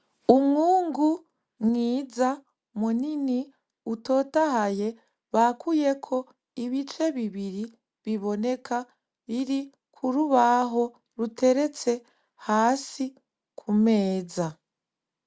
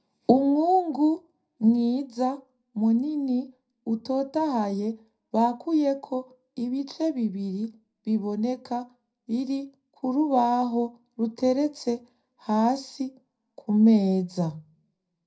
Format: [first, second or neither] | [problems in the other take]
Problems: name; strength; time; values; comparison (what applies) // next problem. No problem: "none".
first | room echo; dies away in 0.3 s